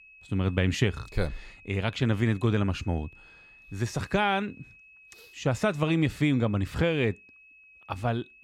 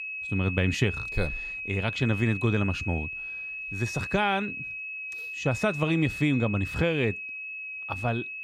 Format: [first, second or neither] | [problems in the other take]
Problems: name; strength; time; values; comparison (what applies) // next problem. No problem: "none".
first | high-pitched whine; loud; throughout; 2.5 kHz, 6 dB below the speech; faint in the first